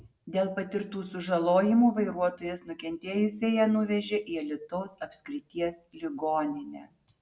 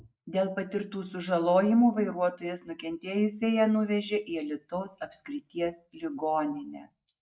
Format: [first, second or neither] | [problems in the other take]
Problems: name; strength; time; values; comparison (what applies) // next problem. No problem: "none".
first | noise reduction (neural mask model Resemble Enhance denoiser)